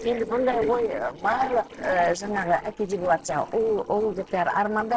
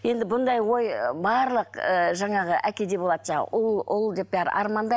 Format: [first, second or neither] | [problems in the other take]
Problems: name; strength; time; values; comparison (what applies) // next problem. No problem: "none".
second | noise reduction (neural separator model SepFormer DNS4)